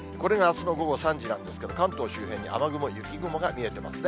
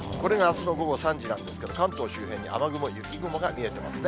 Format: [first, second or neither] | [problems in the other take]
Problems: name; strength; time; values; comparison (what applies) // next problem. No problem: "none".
first | background sound (Cutlery, silverware + Zipper (clothing)); 13 dB below the speech